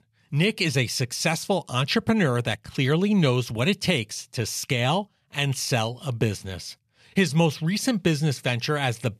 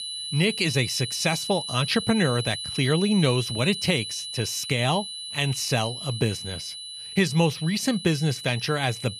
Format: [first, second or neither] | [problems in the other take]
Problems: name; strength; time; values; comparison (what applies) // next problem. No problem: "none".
first | high-pitched whine; loud; throughout; 4 kHz, 7 dB below the speech